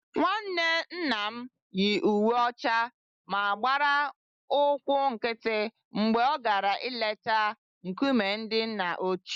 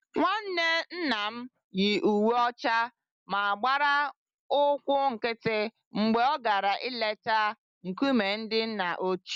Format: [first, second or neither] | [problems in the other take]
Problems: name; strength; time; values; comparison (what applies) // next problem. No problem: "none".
second | noise reduction (neural mask model Resemble Enhance denoiser)